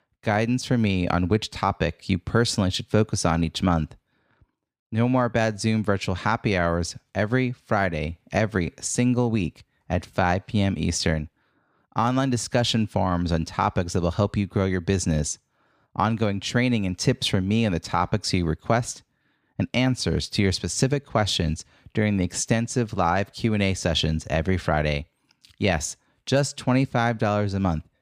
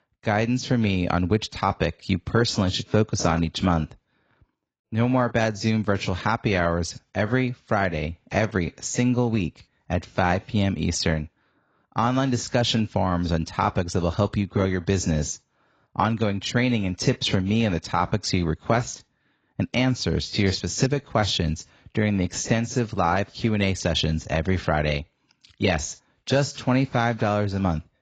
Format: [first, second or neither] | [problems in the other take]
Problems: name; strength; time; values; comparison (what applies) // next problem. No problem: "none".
first | garbled, watery; badly; nothing above 7.5 kHz